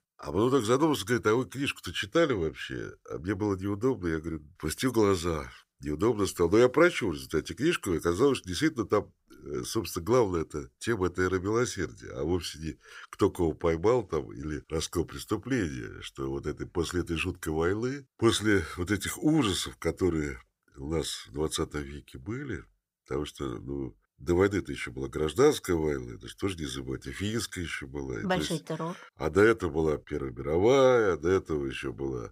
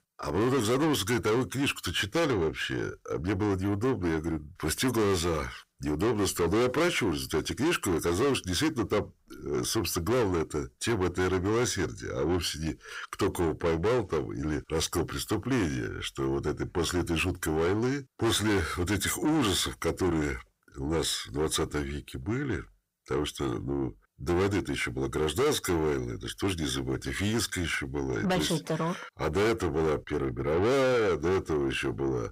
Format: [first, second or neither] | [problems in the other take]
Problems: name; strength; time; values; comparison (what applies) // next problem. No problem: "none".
first | distortion; heavy; 6 dB below the speech